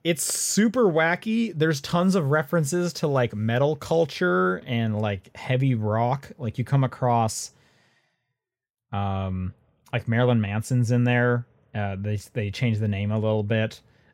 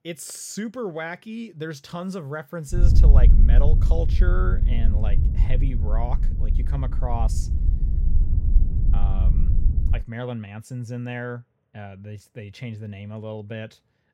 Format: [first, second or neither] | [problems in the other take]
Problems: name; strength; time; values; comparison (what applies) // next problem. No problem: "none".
first | wind noise on the microphone; heavy; from 3 to 10 s; 6 dB below the speech